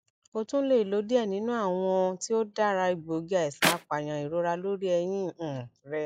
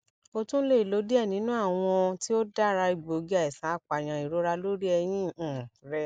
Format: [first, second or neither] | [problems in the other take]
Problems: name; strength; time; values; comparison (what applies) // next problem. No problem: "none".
second | noise reduction (classical method log-MMSE)